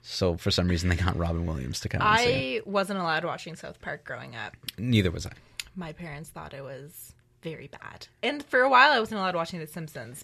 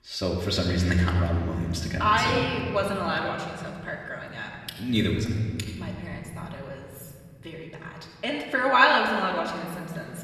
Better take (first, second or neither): first